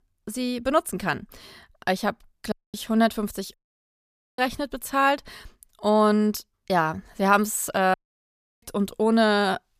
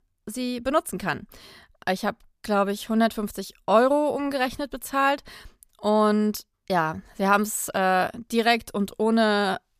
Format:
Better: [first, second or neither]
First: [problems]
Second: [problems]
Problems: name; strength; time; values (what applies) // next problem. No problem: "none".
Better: second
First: audio cutting out; at 2.5 s, at 3.5 s for 1 s and at 8 s for 0.5 s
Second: none